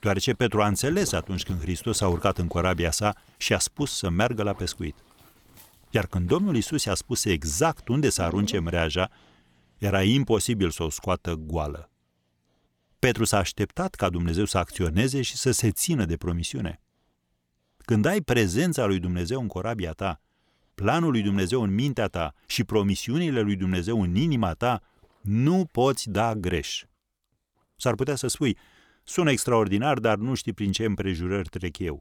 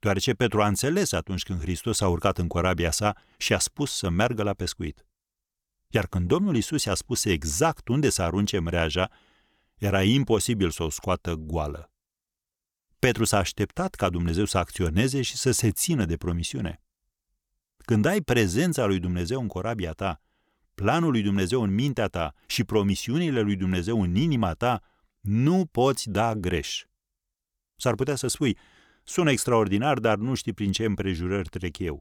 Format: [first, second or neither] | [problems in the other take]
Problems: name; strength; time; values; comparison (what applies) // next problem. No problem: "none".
second | animal sounds; faint; throughout; 20 dB below the speech